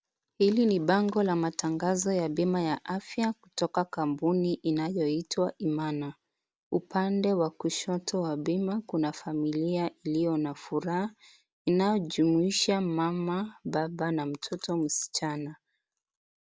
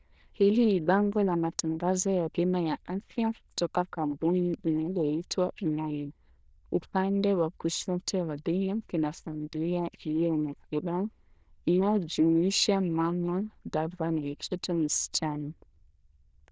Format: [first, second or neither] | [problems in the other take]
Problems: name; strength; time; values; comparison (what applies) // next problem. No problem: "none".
first | noise reduction (neural diffusion model UNIVERSE++)